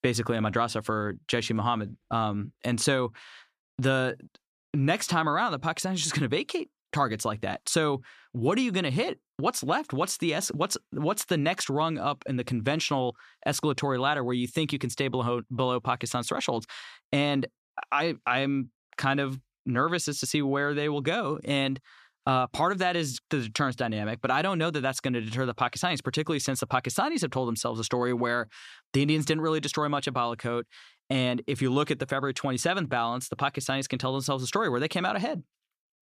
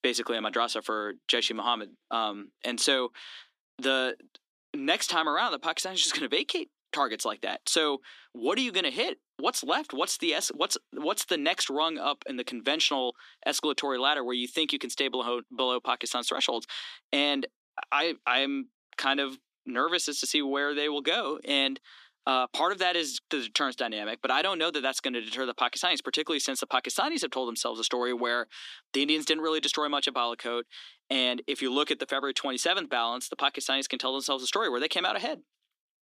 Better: first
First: none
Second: thin; very slightly; fading below 250 Hz

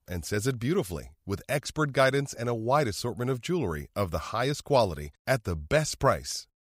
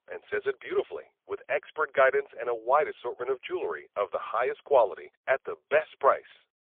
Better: first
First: none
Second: phone-call audio; poor line

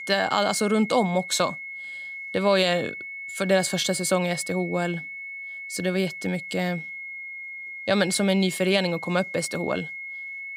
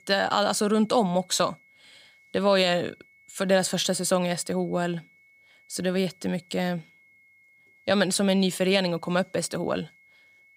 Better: second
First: high-pitched whine; loud; throughout; 2 kHz, 10 dB below the speech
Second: high-pitched whine; faint; throughout; 2 kHz, 30 dB below the speech

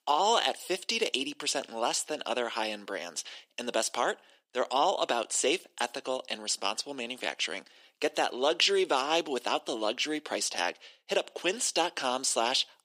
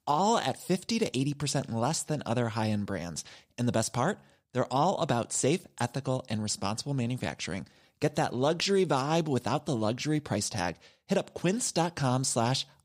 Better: second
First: thin; somewhat; fading below 350 Hz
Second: none

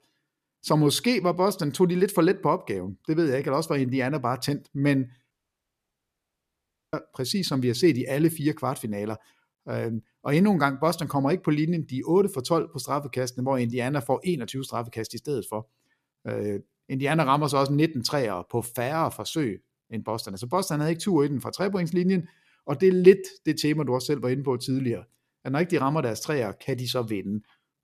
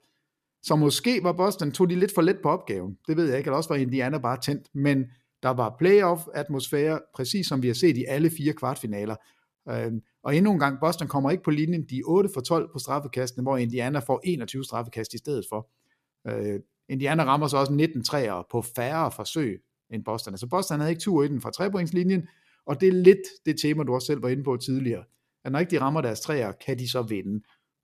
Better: second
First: audio cutting out; at 5.5 s for 1.5 s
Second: none

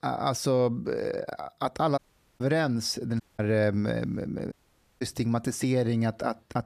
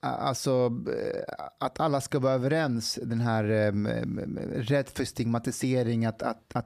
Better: second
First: audio cutting out; at 2 s, at 3 s and at 4.5 s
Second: none

